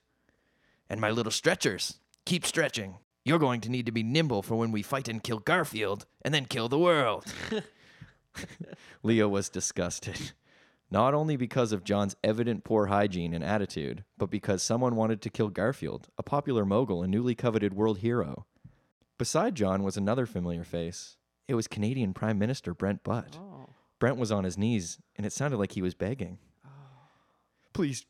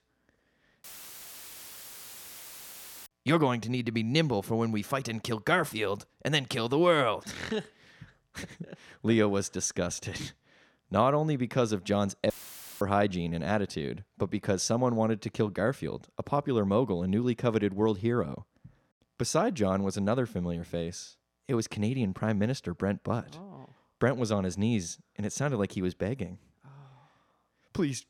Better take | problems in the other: first | audio cutting out; filled with static; at 1 s for 2 s and at 12 s for 0.5 s

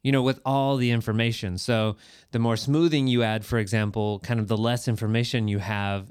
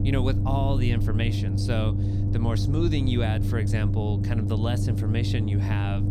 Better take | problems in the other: first | low rumble; loud; throughout; 4 dB below the speech

